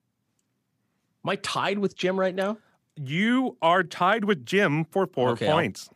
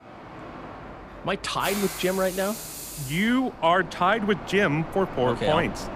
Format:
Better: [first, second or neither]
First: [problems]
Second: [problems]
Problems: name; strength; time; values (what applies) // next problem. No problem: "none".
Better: first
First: none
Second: train or aircraft noise; noticeable; throughout; 10 dB below the speech